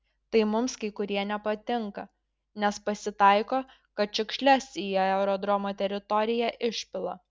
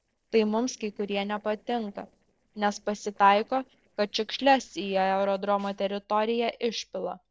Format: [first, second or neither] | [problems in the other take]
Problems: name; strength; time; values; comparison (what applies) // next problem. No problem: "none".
first | noise reduction (neural separator model SepFormer DNS4)